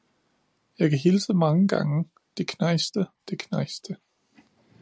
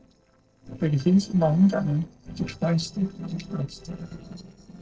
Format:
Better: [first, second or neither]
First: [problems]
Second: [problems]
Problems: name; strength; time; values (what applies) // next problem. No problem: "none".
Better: first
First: none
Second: noise reduction (neural separator model SepFormer DNS4)